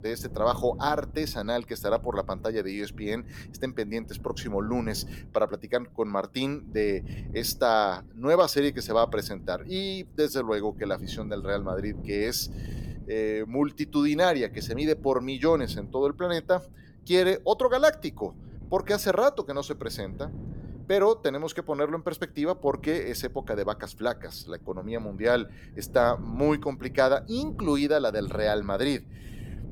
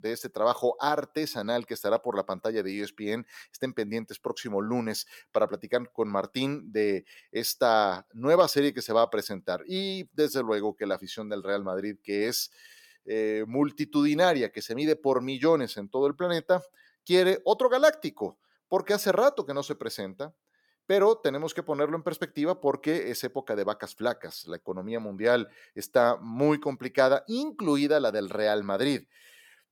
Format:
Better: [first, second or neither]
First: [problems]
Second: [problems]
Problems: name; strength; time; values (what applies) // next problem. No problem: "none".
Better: second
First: wind noise on the microphone; occasional gusts; 25 dB below the speech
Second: none